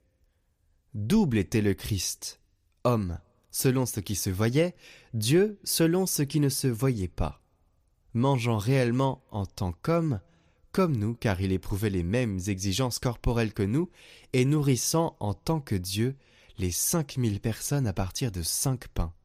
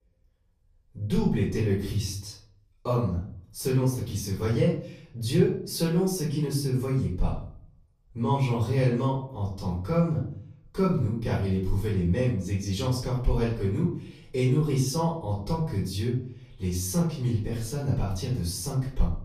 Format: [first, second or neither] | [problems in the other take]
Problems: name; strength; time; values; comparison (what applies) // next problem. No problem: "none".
first | off-mic speech; far // room echo; noticeable; dies away in 0.5 s